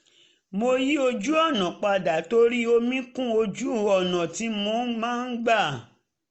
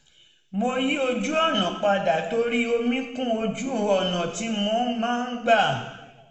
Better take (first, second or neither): first